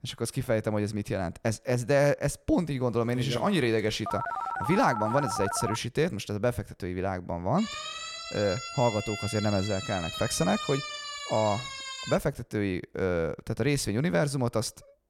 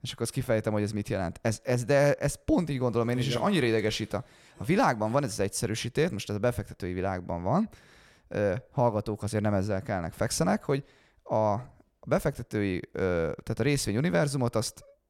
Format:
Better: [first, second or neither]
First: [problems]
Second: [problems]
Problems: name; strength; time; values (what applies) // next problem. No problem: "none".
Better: second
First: phone ringing; noticeable; from 4 to 6 s; peak 3 dB below the speech // siren; noticeable; from 7.5 to 12 s; peak 5 dB below the speech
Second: none